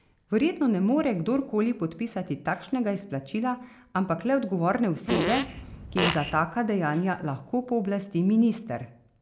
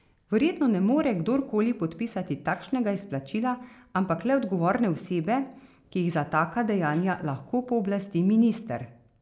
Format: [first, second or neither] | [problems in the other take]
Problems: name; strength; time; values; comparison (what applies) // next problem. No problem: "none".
second | background sound (Fart); 3 dB below the speech